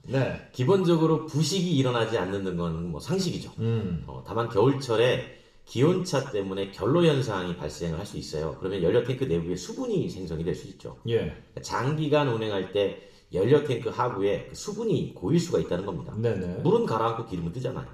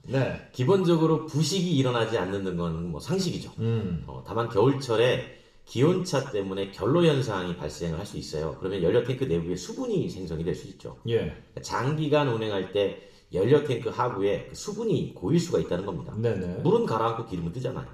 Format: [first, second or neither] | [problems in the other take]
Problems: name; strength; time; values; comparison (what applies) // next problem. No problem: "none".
neither | room echo; slight; dies away in 0.6 s; the same in both // off-mic speech; somewhat distant; the same in both